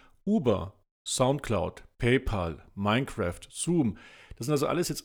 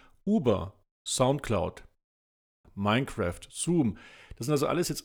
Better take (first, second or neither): first